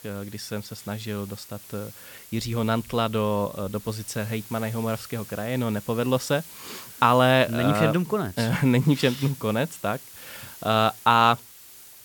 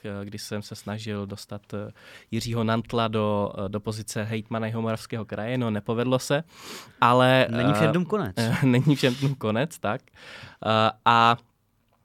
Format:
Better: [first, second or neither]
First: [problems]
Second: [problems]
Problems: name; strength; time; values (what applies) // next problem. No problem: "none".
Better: second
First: hiss; noticeable; throughout; 20 dB below the speech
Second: none